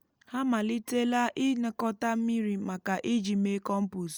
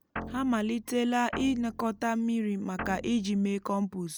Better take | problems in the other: first | background sound (Guitar); 13 dB below the speech

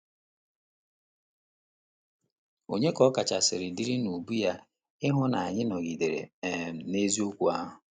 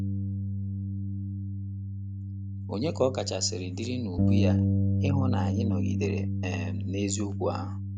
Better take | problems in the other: first | background sound (Bass guitar); 5 dB above the speech

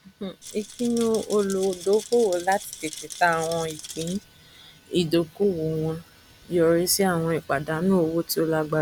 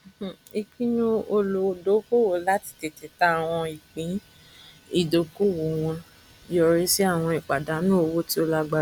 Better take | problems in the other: second | background sound (Rattle); 15 dB below the speech

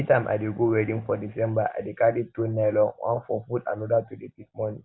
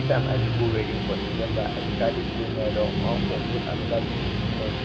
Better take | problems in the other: first | background sound (Guitar); 3 dB above the speech

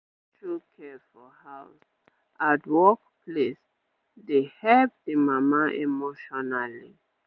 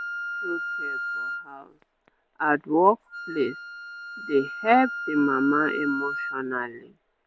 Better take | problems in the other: first | background sound (Wind instrument, woodwind instrument); 7 dB below the speech

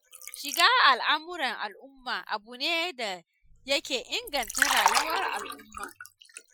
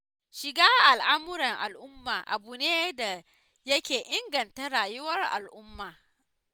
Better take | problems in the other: second | noise reduction (classical method Wiener filter)

